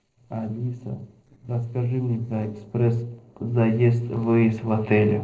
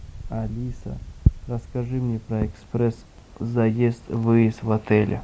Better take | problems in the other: second | noise reduction (neural separator model SepFormer DNS4)

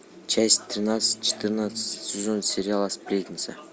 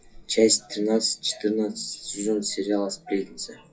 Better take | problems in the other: first | noise reduction (classical method WPE with log-MMSE)

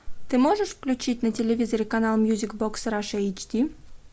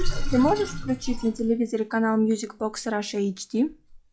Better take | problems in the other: first | noise reduction (classical method log-MMSE)

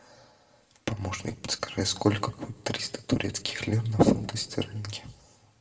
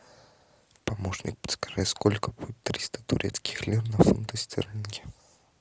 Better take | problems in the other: second | room echo; dies away in 0.6 s

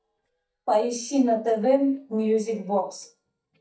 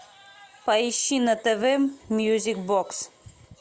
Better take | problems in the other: second | noise reduction (neural mask model DeepFilterNet 3)

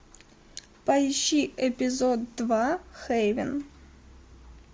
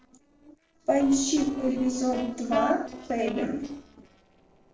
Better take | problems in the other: first | noise reduction (neural separator model SepFormer DNS4)

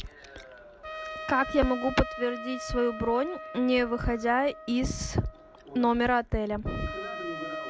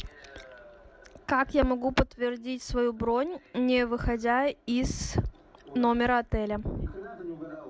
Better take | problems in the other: second | background sound (Trumpet); 12 dB below the speech

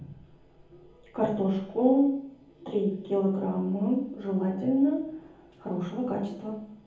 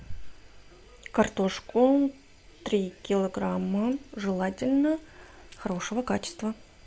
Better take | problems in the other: second | room echo; dies away in 0.7 s

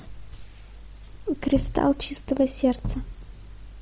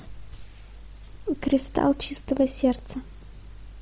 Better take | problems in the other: second | background sound (Bass drum); 7 dB below the speech

